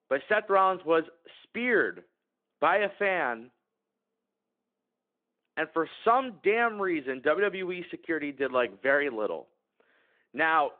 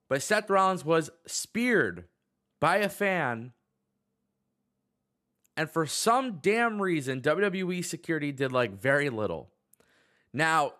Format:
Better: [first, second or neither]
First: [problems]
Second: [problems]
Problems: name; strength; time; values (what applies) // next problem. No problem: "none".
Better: second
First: phone-call audio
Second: none